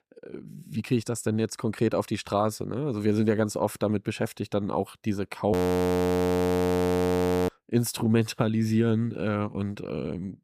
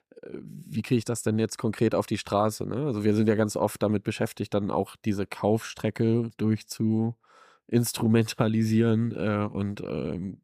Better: second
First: audio freezing; at 5.5 s for 2 s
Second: none

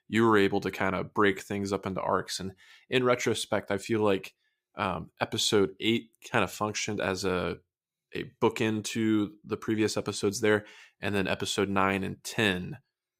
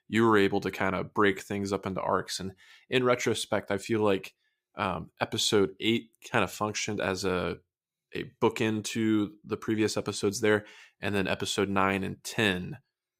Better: neither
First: none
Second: none

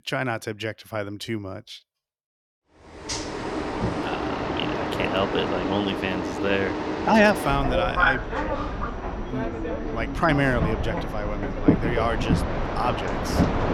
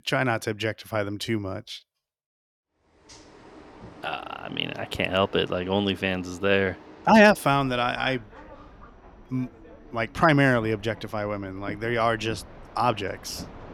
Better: second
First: train or aircraft noise; loud; from 3 s on; as loud as the speech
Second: train or aircraft noise; faint; from 3 s on; 20 dB below the speech

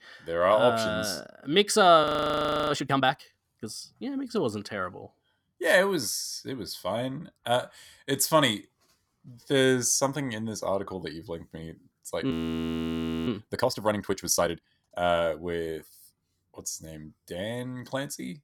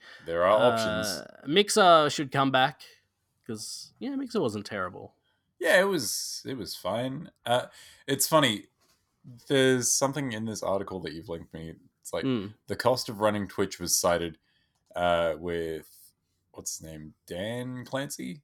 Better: second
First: audio freezing; at 2 s for 0.5 s and at 12 s for 1 s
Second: none

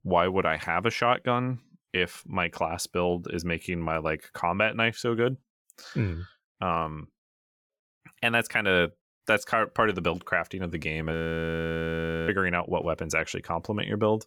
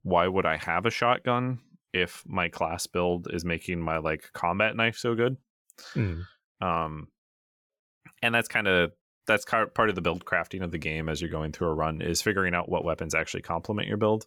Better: second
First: audio freezing; at 11 s for 1 s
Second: none

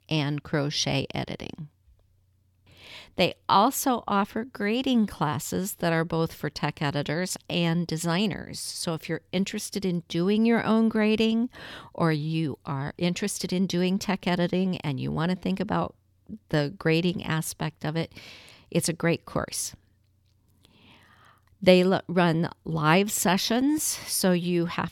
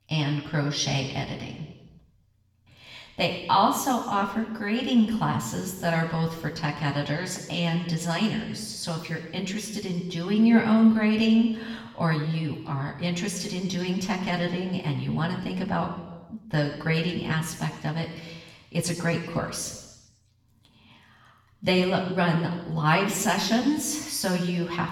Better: first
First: none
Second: room echo; noticeable; dies away in 1 s // off-mic speech; somewhat distant

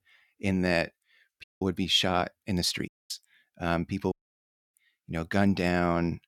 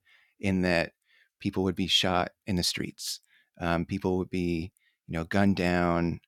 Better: second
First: audio cutting out; at 1.5 s, at 3 s and at 4 s for 0.5 s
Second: none

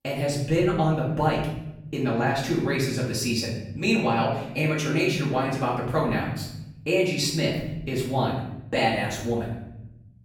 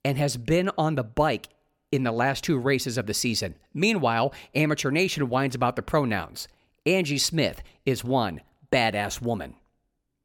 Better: second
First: off-mic speech; far // room echo; noticeable; dies away in 1 s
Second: none

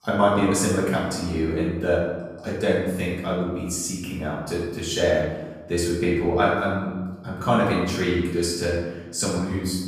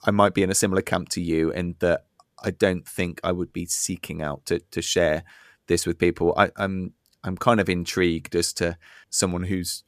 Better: second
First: room echo; noticeable; dies away in 1.1 s // off-mic speech; far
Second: none

